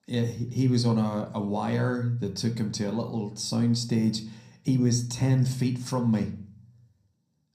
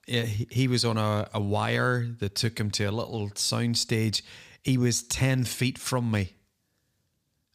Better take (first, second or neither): second